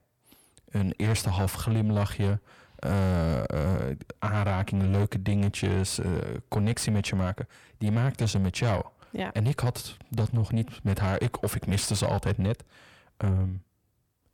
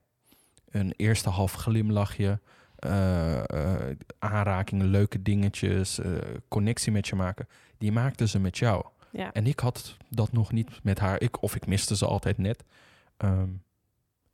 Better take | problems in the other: second | distortion; slight; 10 dB below the speech

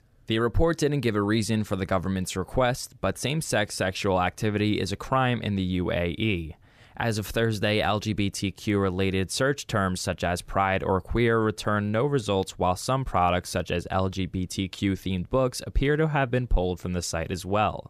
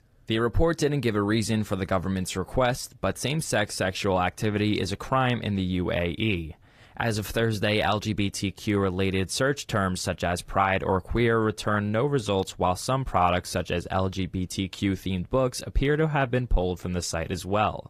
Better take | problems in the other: first | garbled, watery; slightly; nothing above 14.5 kHz

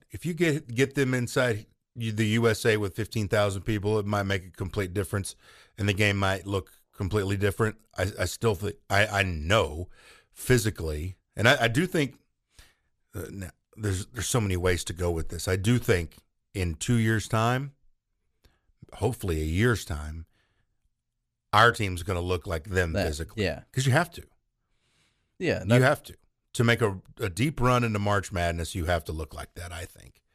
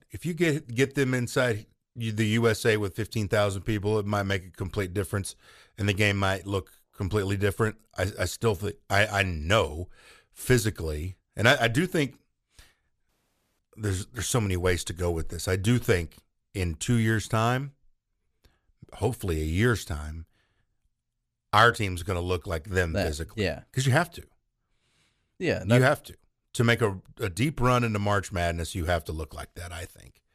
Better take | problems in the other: first | audio cutting out; at 13 s for 0.5 s

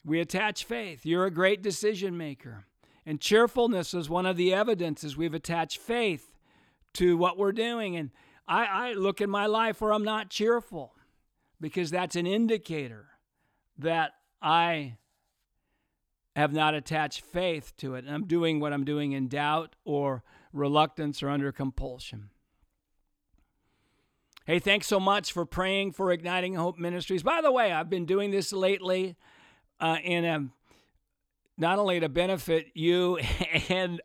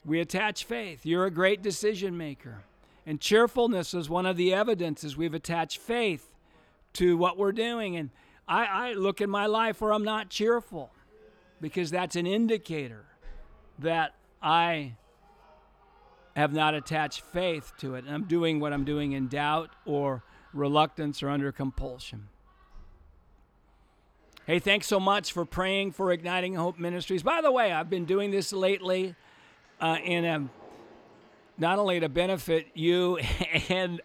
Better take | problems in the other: first | animal sounds; faint; throughout; 30 dB below the speech

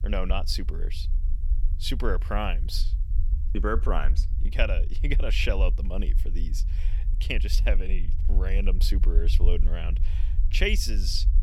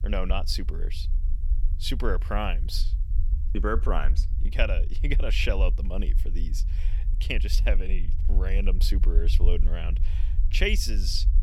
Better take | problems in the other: neither | low rumble; noticeable; throughout; 15 dB below the speech; the same in both

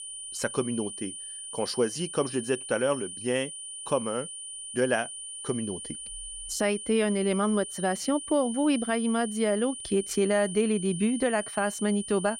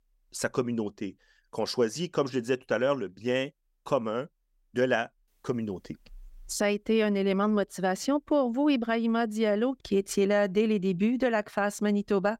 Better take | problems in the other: second | high-pitched whine; loud; throughout; 9.5 kHz, 9 dB below the speech

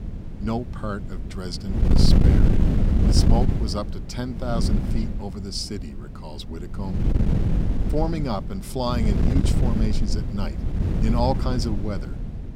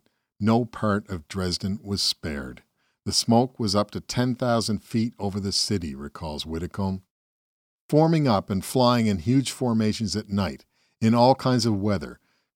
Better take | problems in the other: second | wind noise on the microphone; heavy; 3 dB below the speech

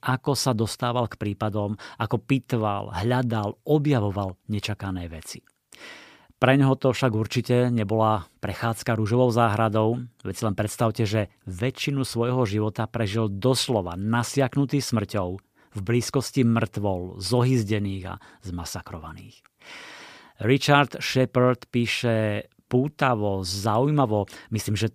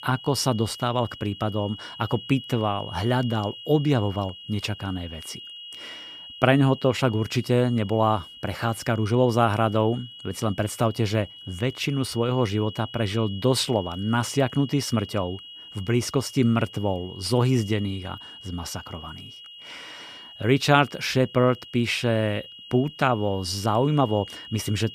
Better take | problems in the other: first | high-pitched whine; noticeable; throughout; 3 kHz, 15 dB below the speech

